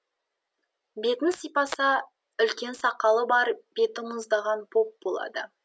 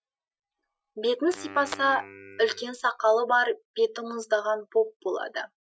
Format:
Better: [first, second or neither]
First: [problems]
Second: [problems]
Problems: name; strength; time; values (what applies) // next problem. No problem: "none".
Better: first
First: none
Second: noise reduction (classical method Wiener filter)